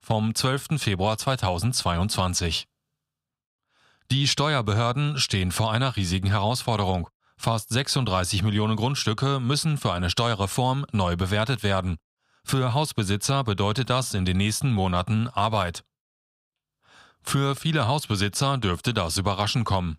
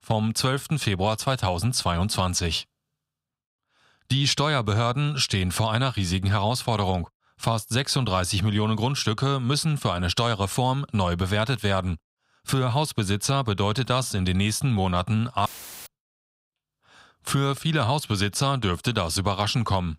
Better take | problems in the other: first | audio cutting out; filled with static; at 15 s

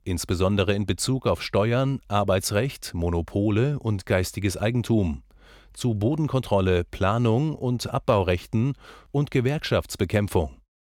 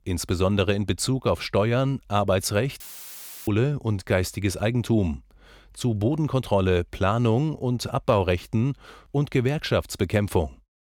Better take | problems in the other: first | audio cutting out; filled with static; at 3 s for 0.5 s

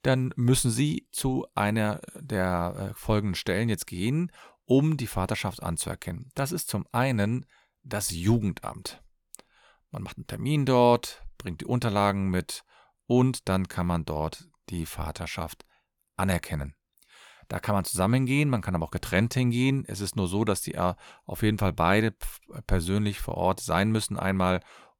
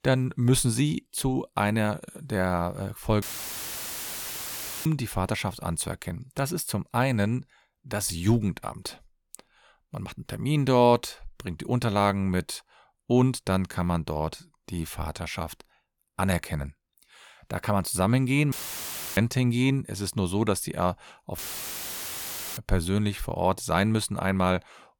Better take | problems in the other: first | audio cutting out; filled with static; at 3 s for 1.5 s, at 19 s for 0.5 s and at 21 s for 1 s

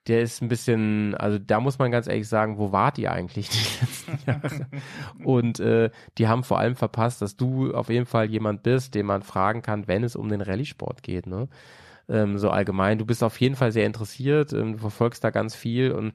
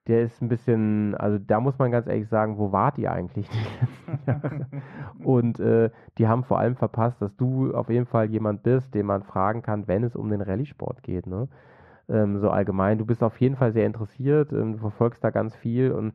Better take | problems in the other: first | muffled; very; fading above 3 kHz

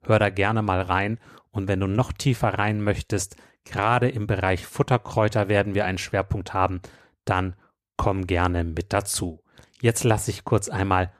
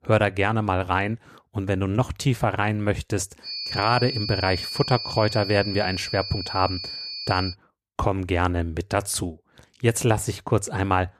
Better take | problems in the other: first | high-pitched whine; loud; from 3.5 to 7.5 s; 4.5 kHz, 6 dB below the speech

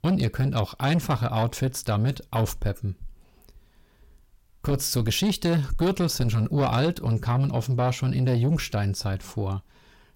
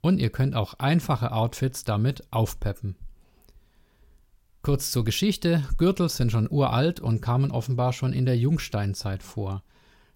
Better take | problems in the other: second | distortion; slight; 10 dB below the speech

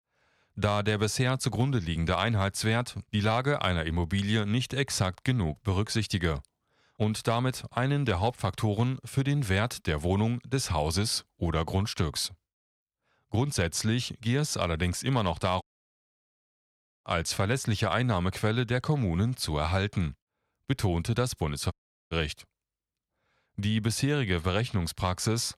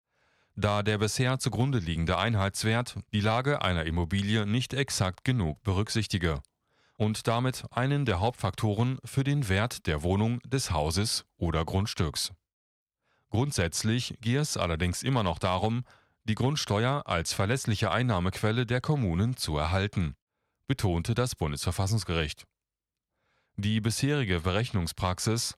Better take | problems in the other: second | audio cutting out; at 16 s for 1.5 s and at 22 s

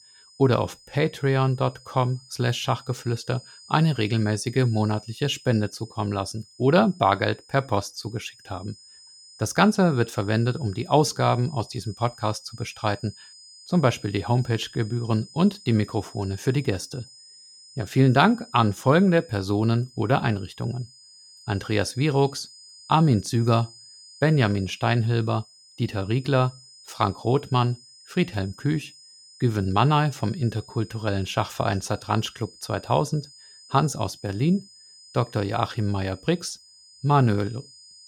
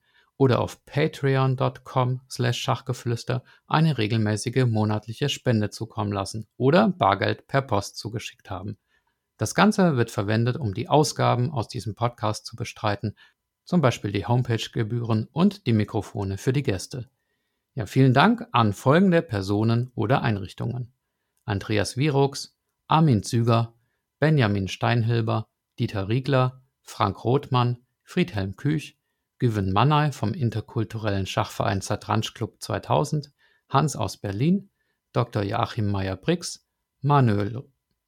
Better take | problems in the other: second | high-pitched whine; faint; throughout; 5 kHz, 20 dB below the speech

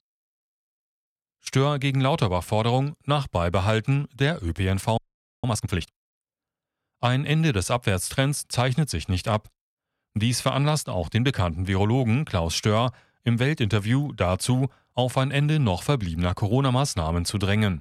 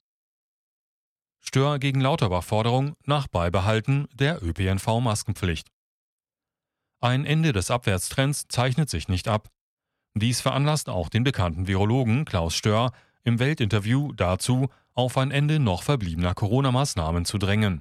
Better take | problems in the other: second | audio freezing; at 5 s

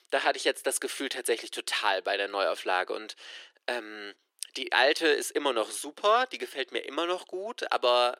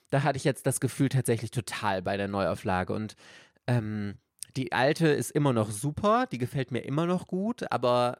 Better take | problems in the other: second | thin; very; fading below 350 Hz

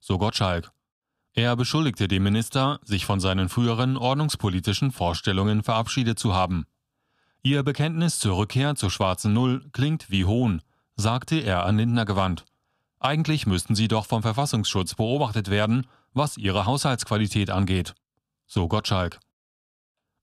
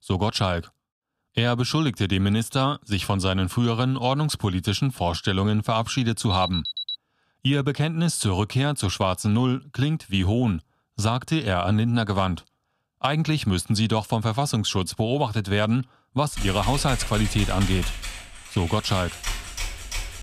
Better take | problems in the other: first | alarm; noticeable; at 6.5 s; peak 4 dB below the speech // keyboard typing; noticeable; from 16 s on; peak 6 dB below the speech

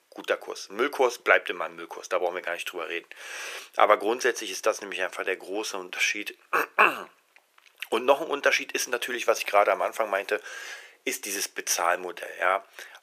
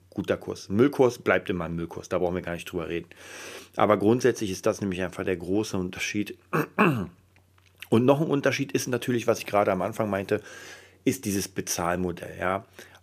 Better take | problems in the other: second | thin; very; fading below 500 Hz

